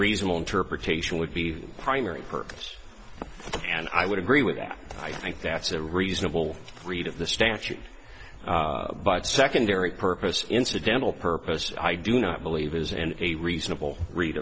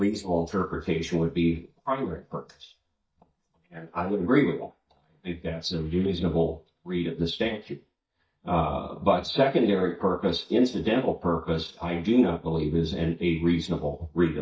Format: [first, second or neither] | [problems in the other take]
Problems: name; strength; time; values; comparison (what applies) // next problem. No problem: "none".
first | noise reduction (neural mask model DeepFilterNet 3)